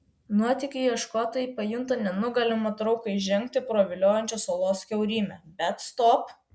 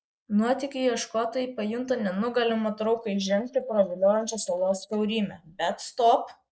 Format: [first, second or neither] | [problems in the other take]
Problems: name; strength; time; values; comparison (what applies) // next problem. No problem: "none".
first | noise reduction (neural mask model Resemble Enhance denoiser)